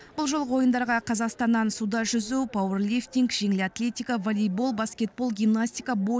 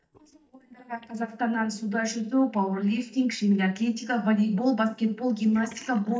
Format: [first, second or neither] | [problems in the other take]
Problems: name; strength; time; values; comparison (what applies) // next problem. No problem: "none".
first | noise reduction (neural mask model DeepFilterNet 3)